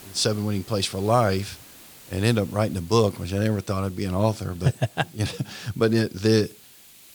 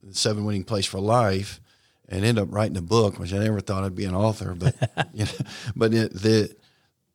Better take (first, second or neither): second